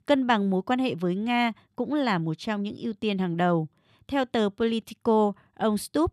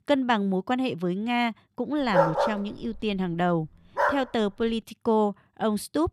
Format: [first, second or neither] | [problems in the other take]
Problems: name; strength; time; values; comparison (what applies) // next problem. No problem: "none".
first | dog barking; loud; from 2 to 4 s; peak 4 dB above the speech